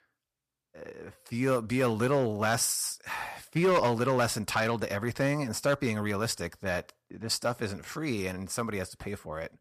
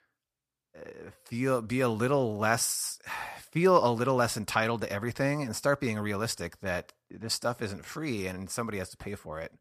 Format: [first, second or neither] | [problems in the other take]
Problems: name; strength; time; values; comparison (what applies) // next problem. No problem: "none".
second | distortion; slight; 3% of the sound clipped